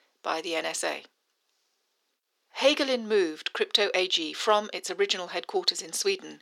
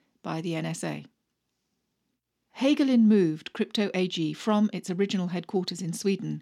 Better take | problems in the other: second | thin; very; fading below 450 Hz

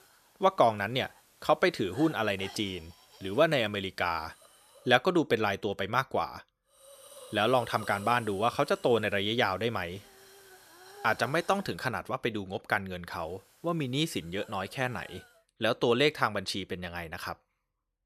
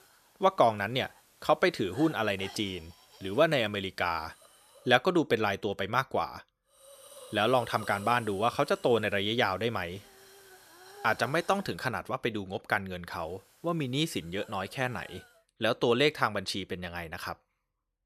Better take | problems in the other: neither | hiss; faint; until 5 s, from 7 to 12 s and from 13 to 15 s; 20 dB below the speech; the same in both

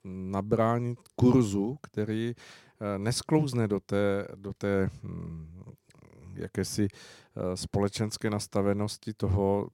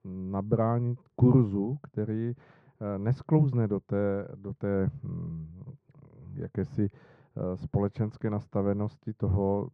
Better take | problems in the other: first | muffled; very; fading above 1 kHz

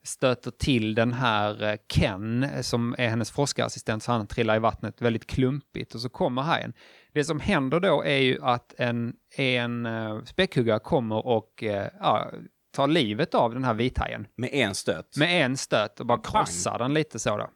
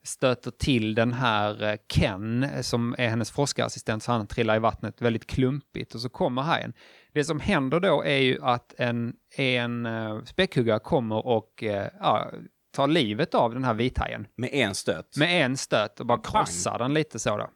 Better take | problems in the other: neither | none

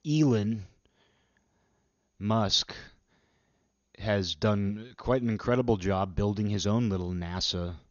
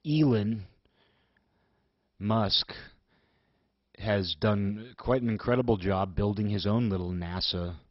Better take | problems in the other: first | garbled, watery; badly; nothing above 5.5 kHz; slightly in the first

